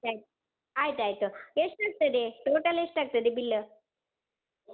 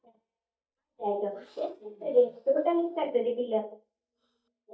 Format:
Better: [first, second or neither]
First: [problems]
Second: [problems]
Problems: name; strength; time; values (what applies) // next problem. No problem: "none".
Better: first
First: none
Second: noise reduction (neural mask model DeepFilterNet 3)